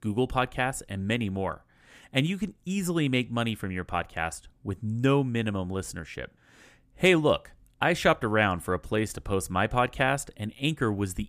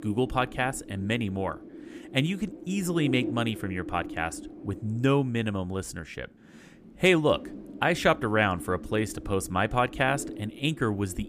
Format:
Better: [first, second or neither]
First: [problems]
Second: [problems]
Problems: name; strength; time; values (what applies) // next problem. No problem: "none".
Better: first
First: none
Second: wind noise on the microphone; occasional gusts; 15 dB below the speech